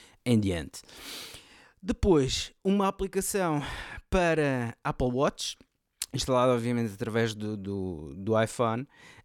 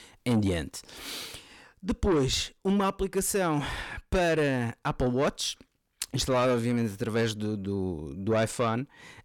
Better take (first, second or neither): first